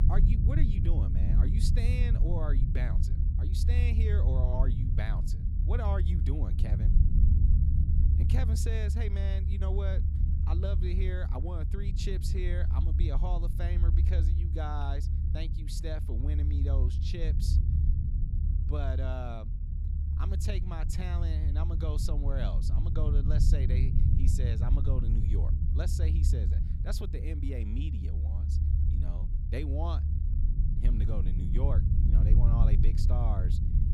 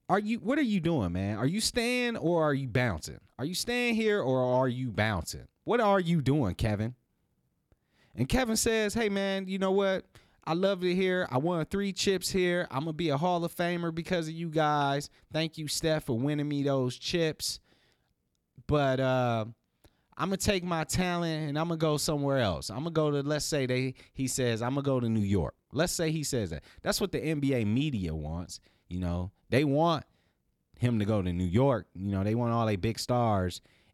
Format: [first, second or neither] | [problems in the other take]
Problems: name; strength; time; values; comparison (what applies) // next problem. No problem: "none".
second | low rumble; loud; throughout; 3 dB below the speech